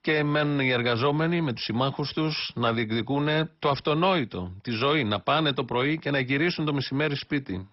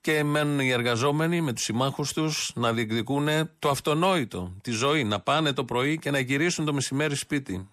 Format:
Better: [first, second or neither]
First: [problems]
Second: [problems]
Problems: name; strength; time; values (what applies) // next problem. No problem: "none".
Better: second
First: garbled, watery; badly; nothing above 5.5 kHz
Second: none